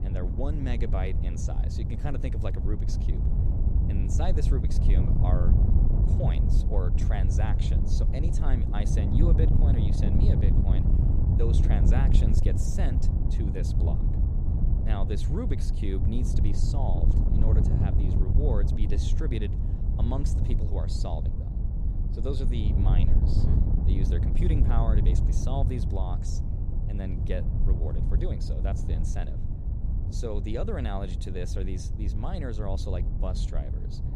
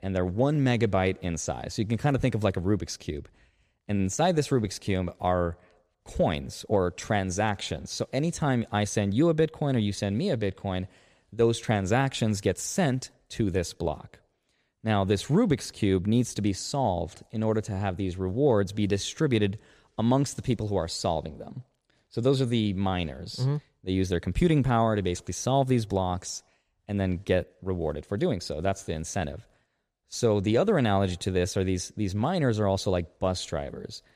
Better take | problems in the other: second | wind noise on the microphone; heavy; 2 dB below the speech

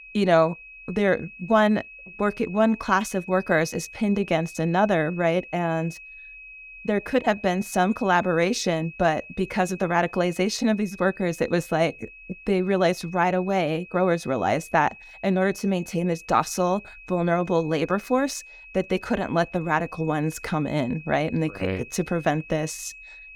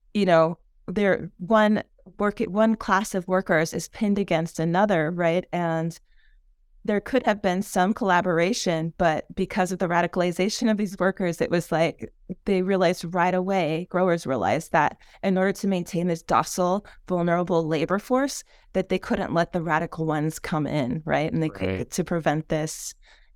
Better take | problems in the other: second | high-pitched whine; noticeable; throughout; 2.5 kHz, 20 dB below the speech

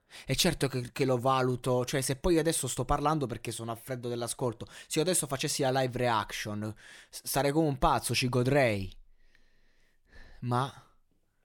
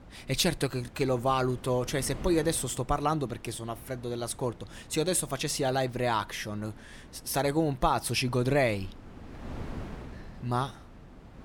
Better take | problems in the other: first | wind noise on the microphone; occasional gusts; 20 dB below the speech

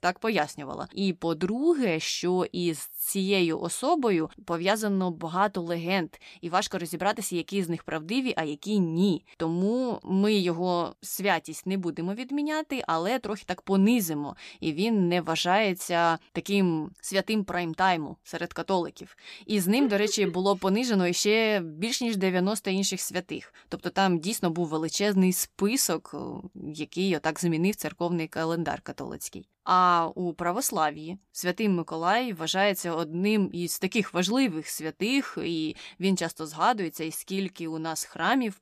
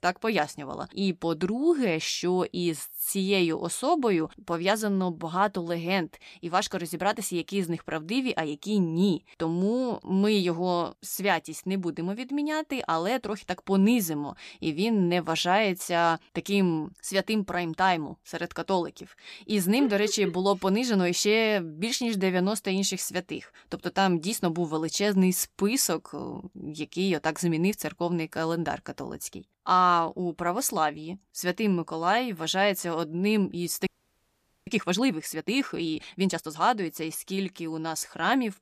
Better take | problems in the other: first | audio freezing; at 34 s for 1 s

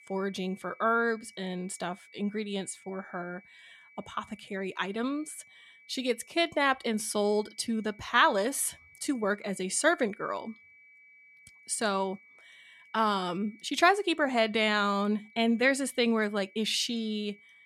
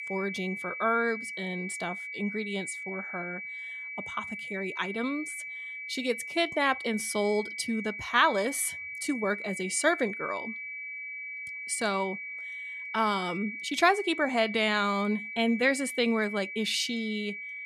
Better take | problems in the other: first | high-pitched whine; loud; throughout; 2.5 kHz, 7 dB below the speech; faint in the first

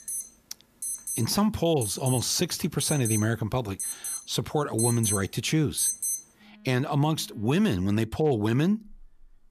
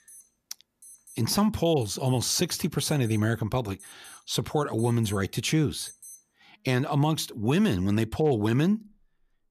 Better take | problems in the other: second | alarms or sirens; loud; throughout; 4 dB below the speech; faint in the second

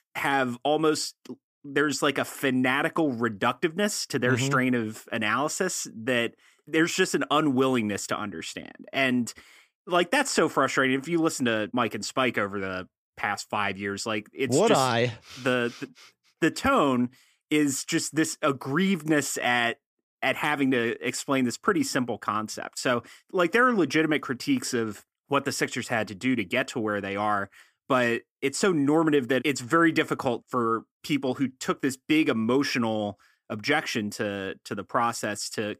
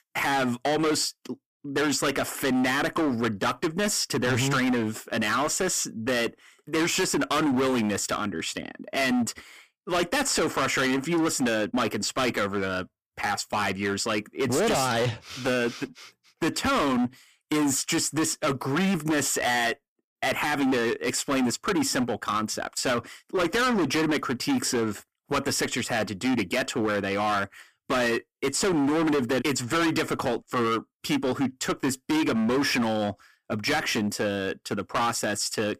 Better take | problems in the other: first | distortion; heavy; 19% of the sound clipped

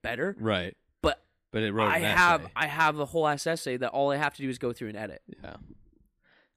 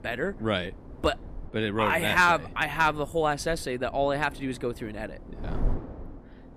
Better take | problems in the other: first | wind noise on the microphone; occasional gusts; 25 dB below the speech

